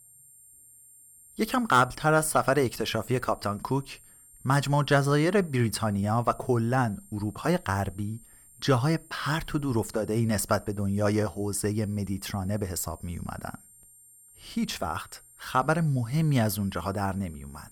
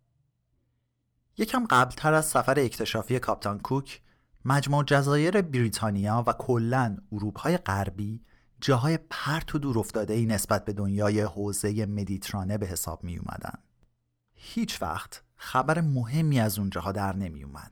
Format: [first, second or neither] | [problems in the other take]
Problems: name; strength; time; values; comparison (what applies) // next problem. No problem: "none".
second | high-pitched whine; faint; throughout; 9 kHz, 25 dB below the speech